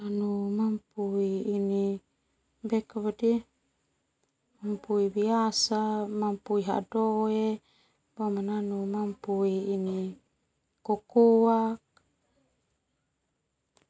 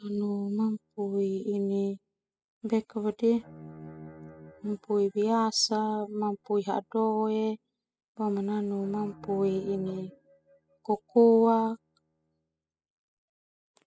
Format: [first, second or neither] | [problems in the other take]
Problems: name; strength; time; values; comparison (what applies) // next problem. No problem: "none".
first | noise reduction (classical method spectral subtraction)